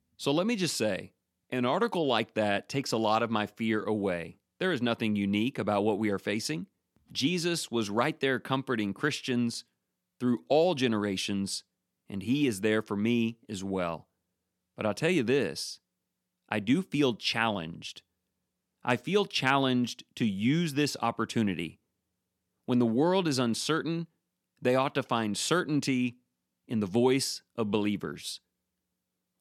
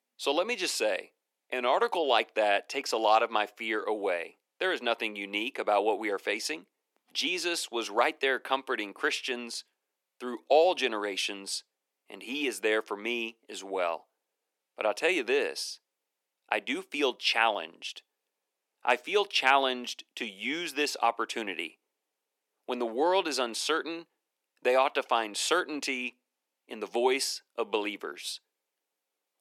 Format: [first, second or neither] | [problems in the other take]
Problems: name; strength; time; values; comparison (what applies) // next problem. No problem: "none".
first | thin; very; fading below 350 Hz